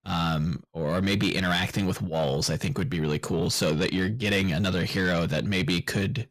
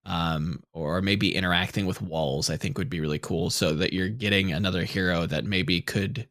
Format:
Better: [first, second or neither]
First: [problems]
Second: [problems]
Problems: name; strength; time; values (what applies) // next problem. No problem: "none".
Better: second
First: distortion; slight; 10 dB below the speech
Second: none